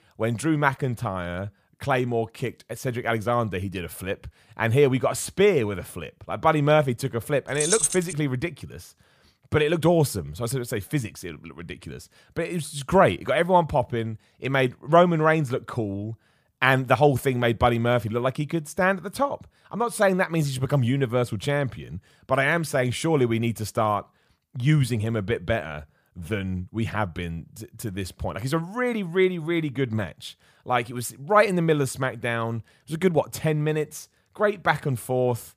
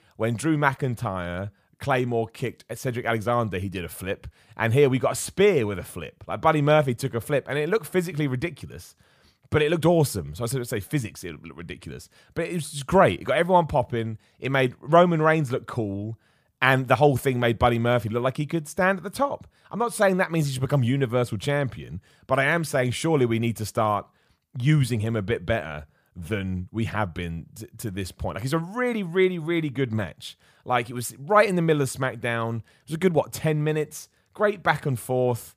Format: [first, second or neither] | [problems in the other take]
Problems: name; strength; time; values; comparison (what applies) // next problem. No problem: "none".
second | jangling keys; loud; at 7.5 s; peak 3 dB above the speech